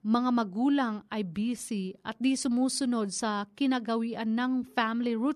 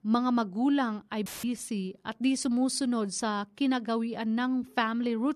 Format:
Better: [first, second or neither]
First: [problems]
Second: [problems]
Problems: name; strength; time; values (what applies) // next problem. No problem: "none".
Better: first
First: none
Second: audio cutting out; filled with static; at 1.5 s